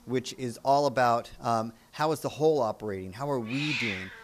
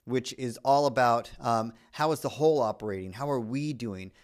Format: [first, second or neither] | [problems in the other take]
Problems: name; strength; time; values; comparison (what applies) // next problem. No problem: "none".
second | hiss; loud; throughout; 3 dB below the speech